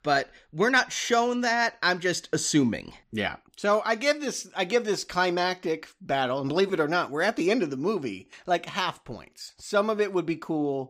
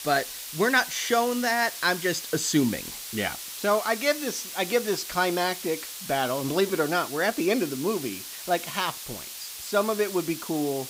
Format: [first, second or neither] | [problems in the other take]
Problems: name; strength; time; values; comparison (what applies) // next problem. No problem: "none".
first | hiss; loud; throughout; 9 dB below the speech